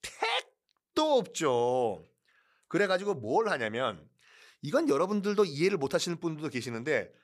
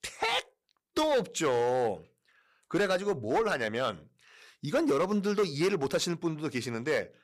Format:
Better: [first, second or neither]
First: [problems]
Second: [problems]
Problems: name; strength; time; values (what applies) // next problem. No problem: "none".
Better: first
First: none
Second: distortion; slight; 6% of the sound clipped